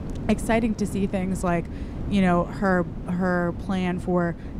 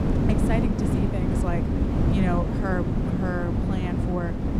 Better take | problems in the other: first | wind noise on the microphone; heavy; 1 dB above the speech; occasional gusts in the first

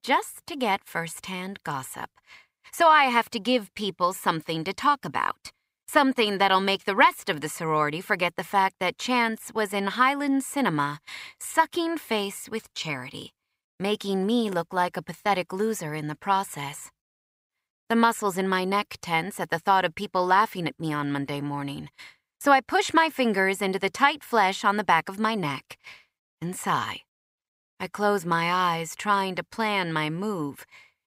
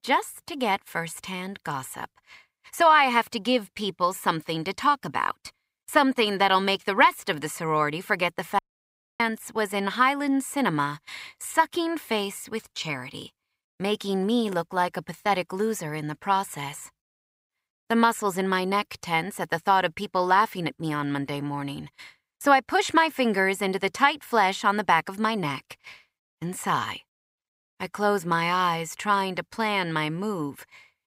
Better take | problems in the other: first | audio cutting out; at 8.5 s for 0.5 s

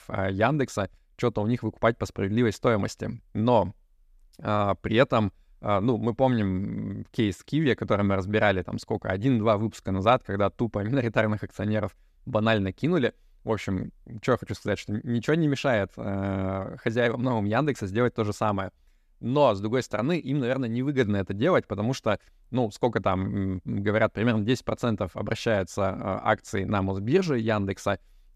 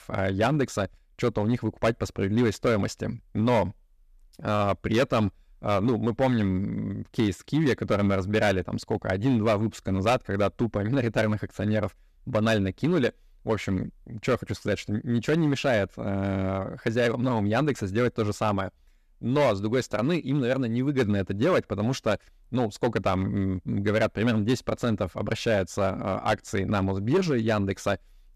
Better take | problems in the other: first | distortion; slight; 5% of the sound clipped

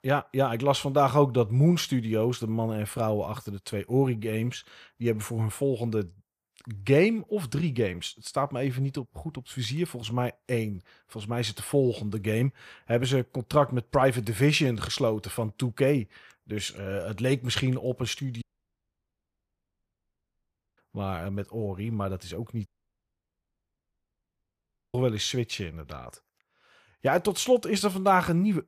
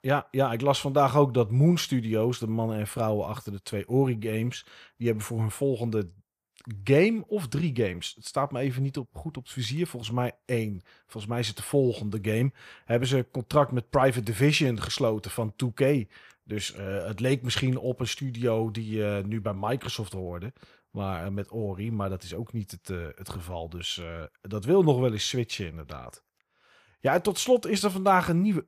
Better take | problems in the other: second | audio cutting out; at 18 s for 2.5 s and at 23 s for 2.5 s

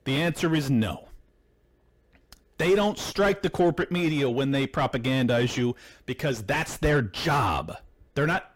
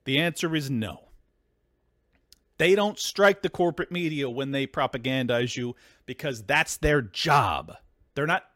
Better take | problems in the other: second | distortion; heavy; 5 dB below the speech

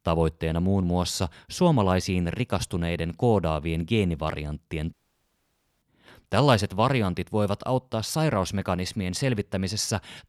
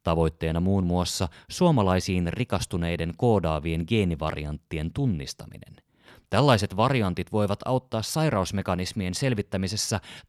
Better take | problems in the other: second | audio cutting out; at 5 s for 1 s

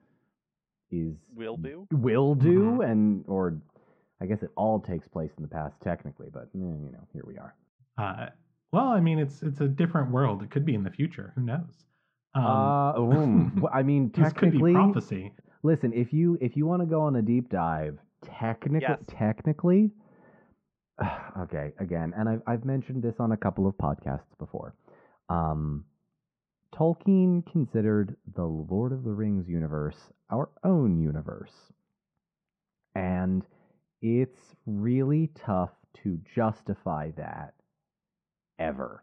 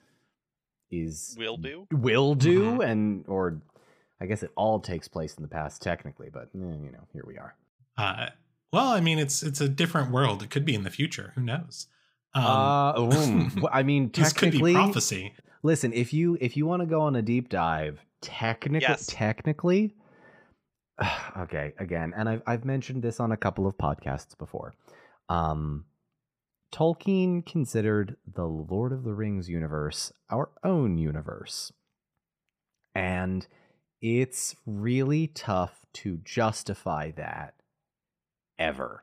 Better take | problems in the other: second | muffled; very; fading above 1.5 kHz

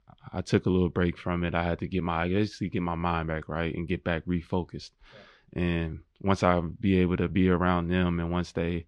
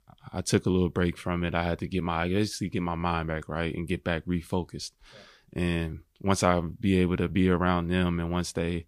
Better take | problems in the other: second | muffled; slightly; fading above 3.5 kHz

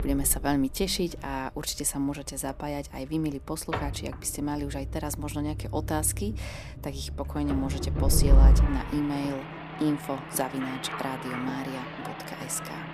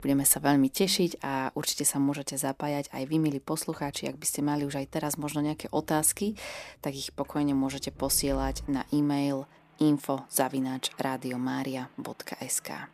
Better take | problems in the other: second | traffic noise; loud; throughout; as loud as the speech; faint in the second

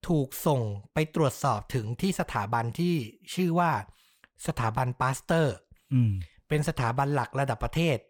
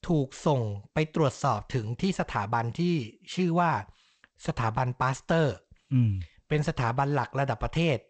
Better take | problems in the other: first | garbled, watery; slightly; nothing above 8 kHz

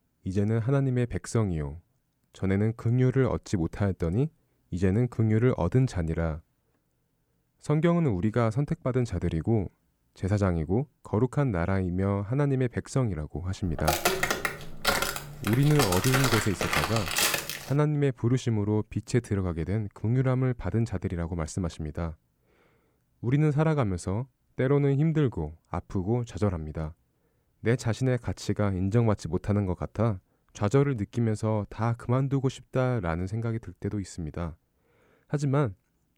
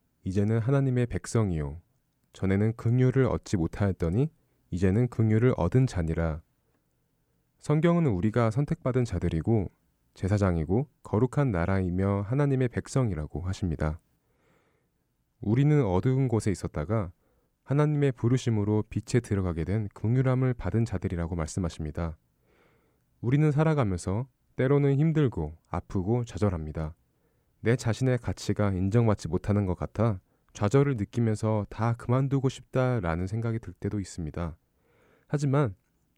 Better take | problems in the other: second | footsteps; loud; from 14 to 18 s; peak 4 dB above the speech

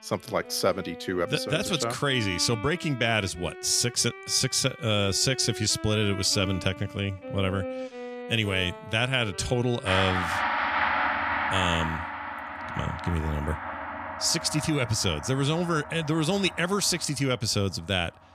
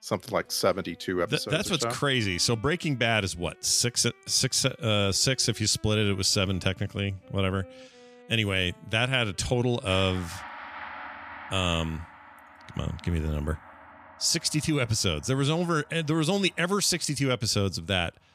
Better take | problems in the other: second | background music; loud; throughout; 7 dB below the speech; faint in the second

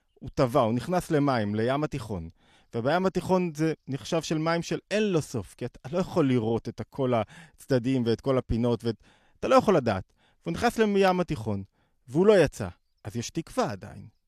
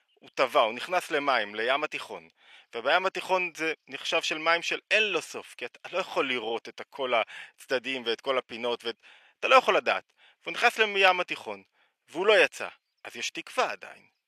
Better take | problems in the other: first | thin; very; fading below 550 Hz

